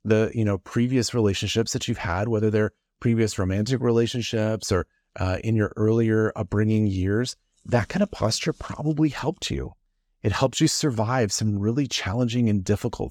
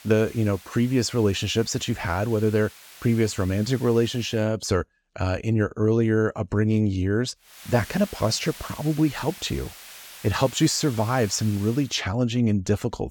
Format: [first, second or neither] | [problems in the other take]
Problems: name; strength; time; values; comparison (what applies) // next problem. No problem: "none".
first | hiss; noticeable; until 4.5 s and from 7.5 to 12 s; 20 dB below the speech